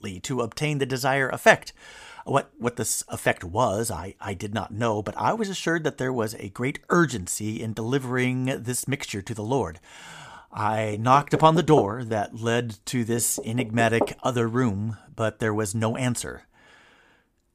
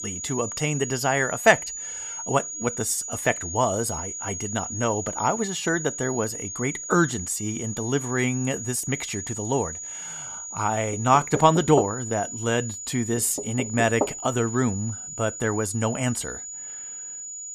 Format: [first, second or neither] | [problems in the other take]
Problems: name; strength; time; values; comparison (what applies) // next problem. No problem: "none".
first | high-pitched whine; loud; throughout; 7 kHz, 7 dB below the speech